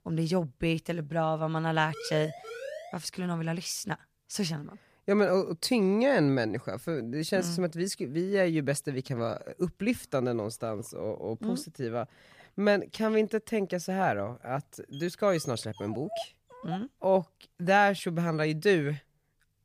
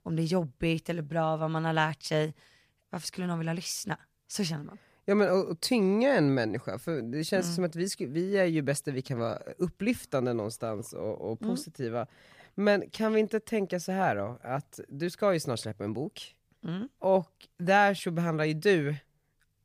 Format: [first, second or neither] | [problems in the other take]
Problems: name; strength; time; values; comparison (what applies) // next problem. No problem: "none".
second | siren; faint; from 2 to 3 s; peak 10 dB below the speech // dog barking; noticeable; from 15 to 18 s; peak 10 dB below the speech